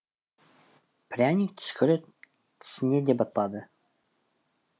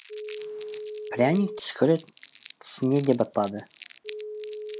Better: first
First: none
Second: background sound (Crumpling, crinkling + Telephone); 11 dB below the speech

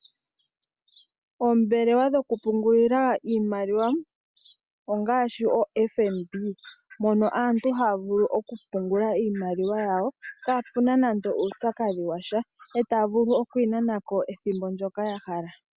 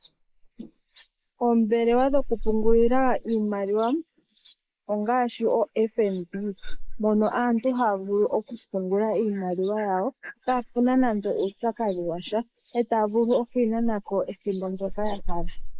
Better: first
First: none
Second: noise reduction (neural mask model Resemble Enhance denoiser)

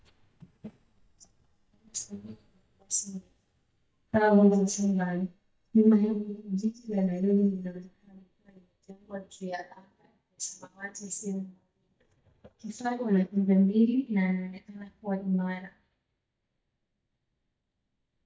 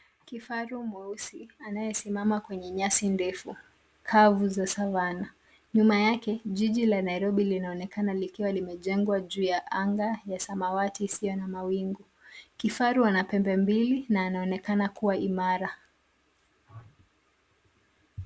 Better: second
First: noise reduction (neural mask model DeepFilterNet 3)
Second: none

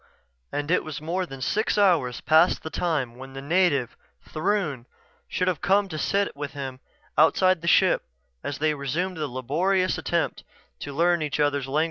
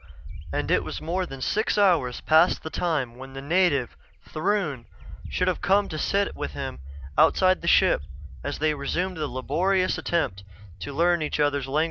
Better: first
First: none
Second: background sound (Bird); 12 dB below the speech

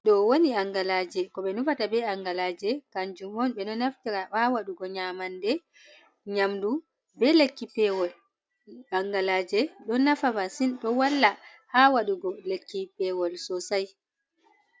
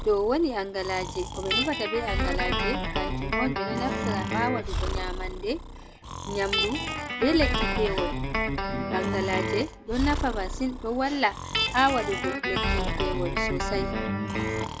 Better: first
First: none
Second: background sound (Breathing + Guitar); as loud as the speech

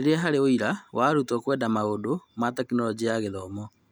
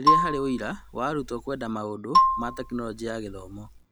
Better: first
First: none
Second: background sound (Marimba, xylophone); 5 dB above the speech

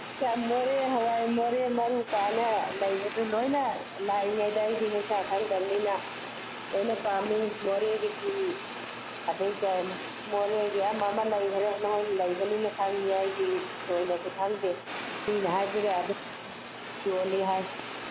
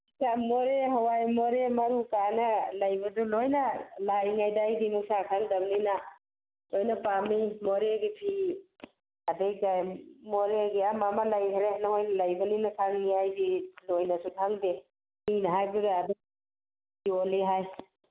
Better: second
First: background sound (Fire); 10 dB below the speech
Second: none

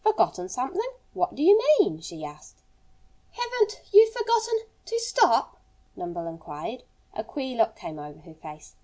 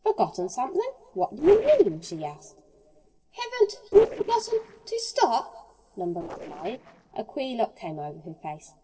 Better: first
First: none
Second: noise reduction (neural separator model SepFormer DNS4)

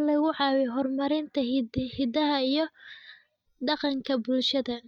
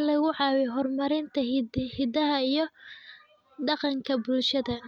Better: second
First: noise reduction (neural mask model DeepFilterNet 3)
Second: none

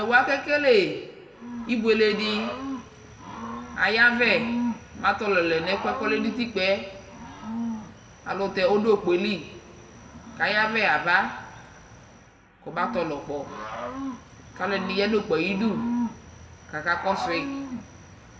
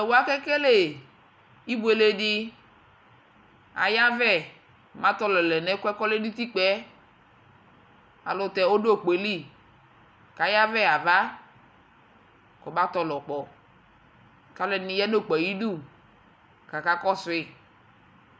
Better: second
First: background sound (Cricket / Growling); 10 dB below the speech // room echo; dies away in 1.2 s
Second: none

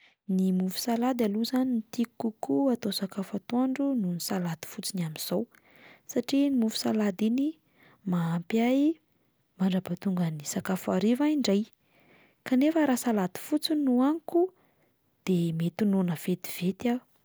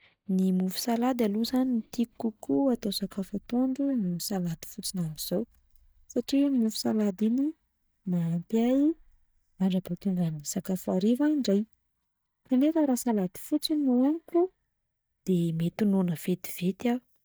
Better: first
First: none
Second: noise reduction (neural mask model DeepFilterNet 3)

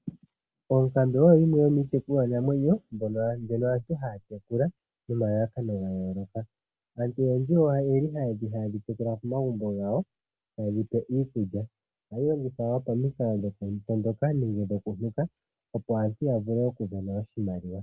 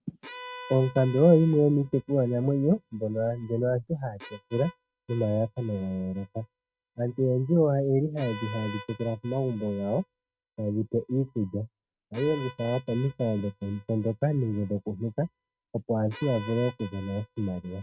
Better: first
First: none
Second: noise reduction (neural mask model RNNoise)

